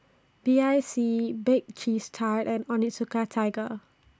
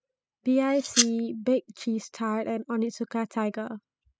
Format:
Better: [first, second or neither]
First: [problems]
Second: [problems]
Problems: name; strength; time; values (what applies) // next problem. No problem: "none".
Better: first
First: none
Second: noise reduction (classical method spectral subtraction)